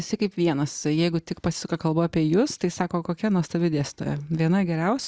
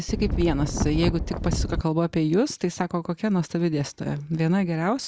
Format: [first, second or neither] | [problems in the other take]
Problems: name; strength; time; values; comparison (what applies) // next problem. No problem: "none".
first | background sound (Wind); 2 dB below the speech